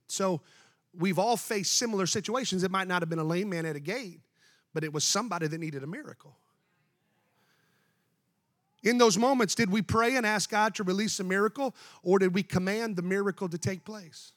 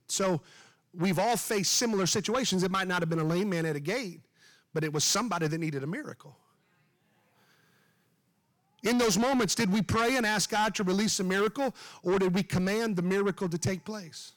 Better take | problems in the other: first | distortion; heavy; 7 dB below the speech

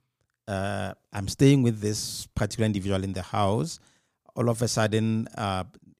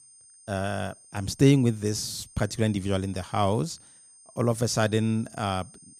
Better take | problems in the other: first | high-pitched whine; faint; throughout; 8.5 kHz, 25 dB below the speech

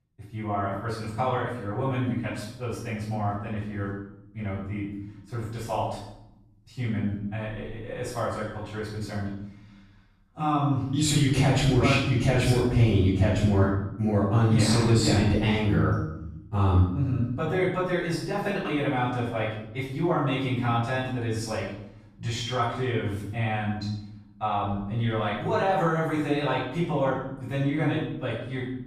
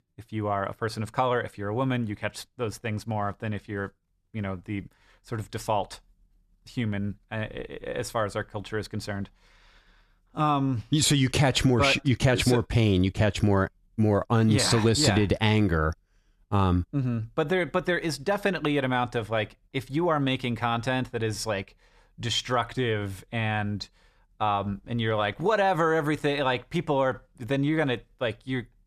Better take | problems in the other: second | room echo; noticeable; dies away in 0.9 s // off-mic speech; far

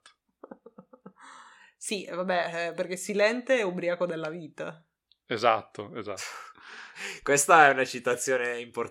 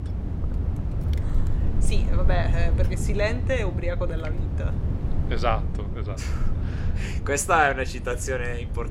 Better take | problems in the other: first | wind noise on the microphone; occasional gusts; 15 dB below the speech

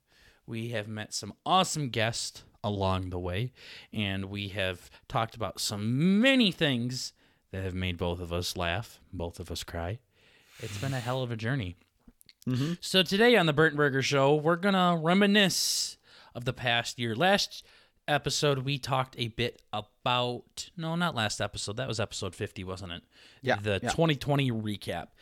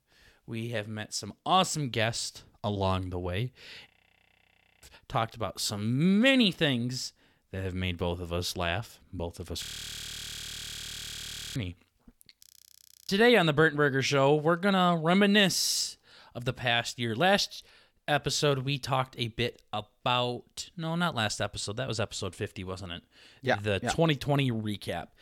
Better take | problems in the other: first | audio freezing; at 4 s for 1 s, at 9.5 s for 2 s and at 12 s for 0.5 s

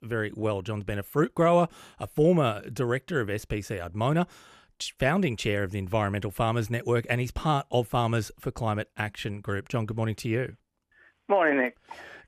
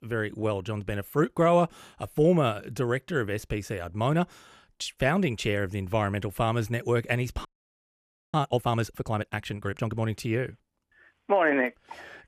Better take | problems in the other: first | audio freezing; at 7.5 s for 1 s

